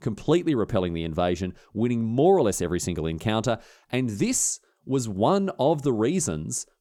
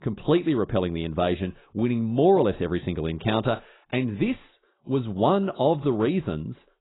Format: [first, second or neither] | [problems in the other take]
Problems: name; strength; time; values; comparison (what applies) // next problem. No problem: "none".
first | garbled, watery; badly; nothing above 4 kHz